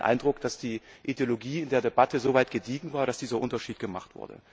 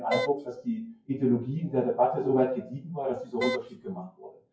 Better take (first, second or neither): first